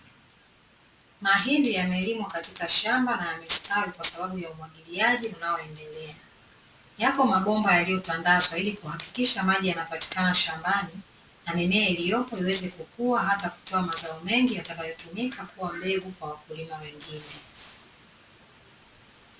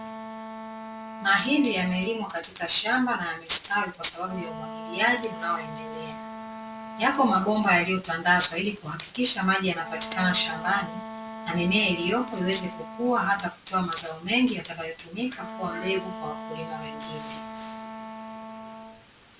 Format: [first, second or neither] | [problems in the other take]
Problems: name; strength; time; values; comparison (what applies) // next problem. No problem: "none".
first | background sound (Wind instrument, woodwind instrument); 12 dB below the speech